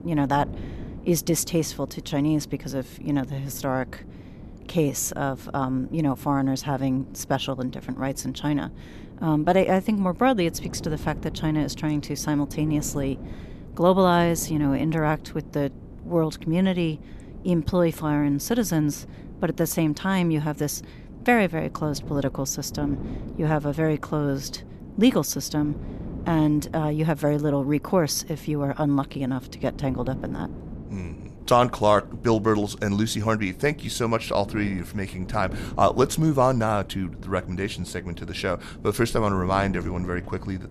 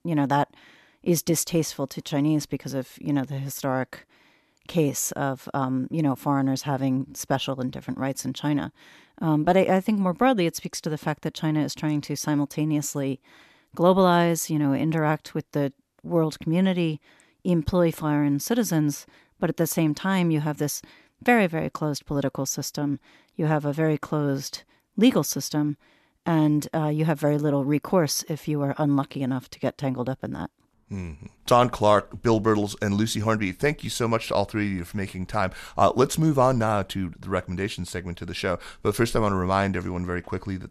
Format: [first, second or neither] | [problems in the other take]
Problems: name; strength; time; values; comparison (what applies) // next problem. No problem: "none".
second | wind noise on the microphone; occasional gusts; 20 dB below the speech